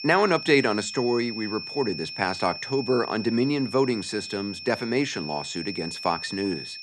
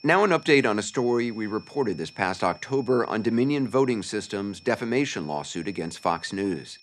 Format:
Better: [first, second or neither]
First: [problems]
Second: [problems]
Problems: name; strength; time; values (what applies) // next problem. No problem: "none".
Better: second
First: high-pitched whine; loud; throughout; 5.5 kHz, 9 dB below the speech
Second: high-pitched whine; faint; throughout; 5.5 kHz, 25 dB below the speech